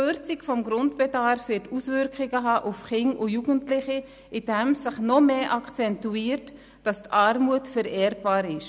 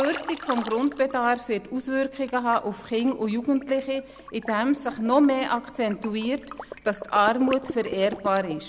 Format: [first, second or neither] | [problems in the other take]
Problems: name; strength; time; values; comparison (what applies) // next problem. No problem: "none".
first | background sound (Liquid); 15 dB below the speech